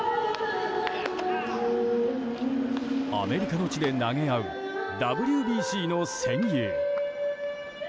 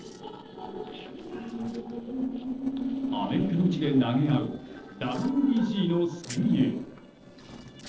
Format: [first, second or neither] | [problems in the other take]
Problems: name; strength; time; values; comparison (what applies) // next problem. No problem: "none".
first | noise reduction (neural separator model SepFormer DNS4)